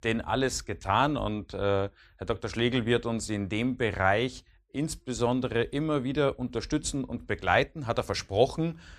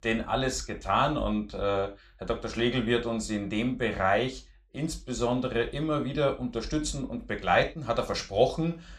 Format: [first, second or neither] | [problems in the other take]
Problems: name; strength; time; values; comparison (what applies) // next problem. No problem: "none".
first | room echo; very slight; dies away in 0.3 s